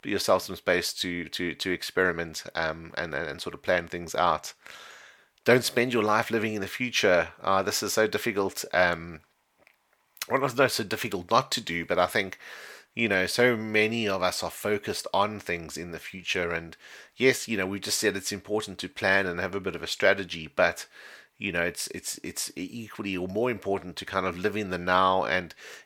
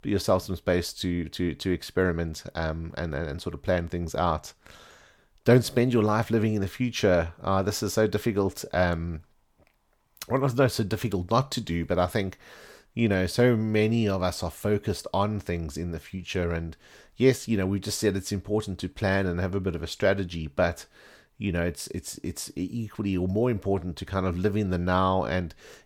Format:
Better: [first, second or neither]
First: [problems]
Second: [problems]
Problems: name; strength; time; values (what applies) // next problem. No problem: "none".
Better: second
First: thin; somewhat; fading below 650 Hz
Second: none